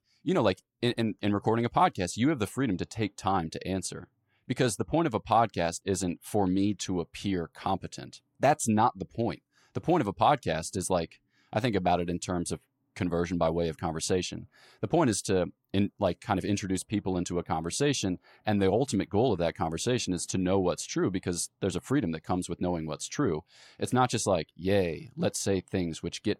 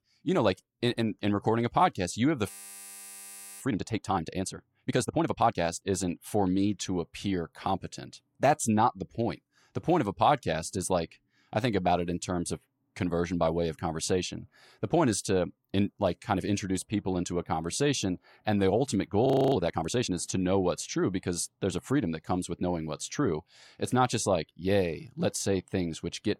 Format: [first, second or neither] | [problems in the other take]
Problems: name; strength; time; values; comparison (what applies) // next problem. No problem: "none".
first | audio freezing; at 2.5 s for 1 s and at 19 s